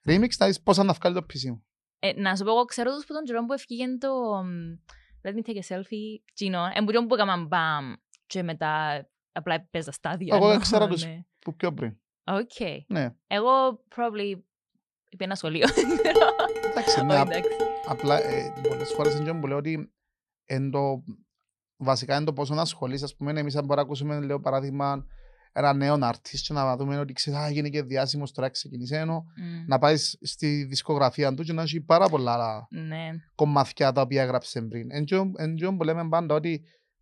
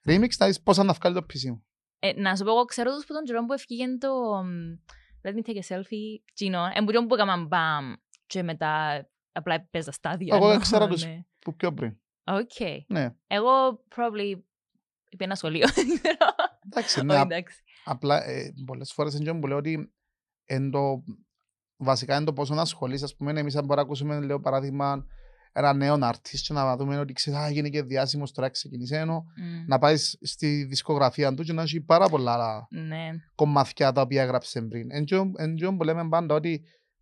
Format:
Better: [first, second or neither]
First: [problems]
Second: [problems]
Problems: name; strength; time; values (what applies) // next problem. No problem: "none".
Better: second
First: clattering dishes; loud; from 16 to 19 s; peak 4 dB above the speech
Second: none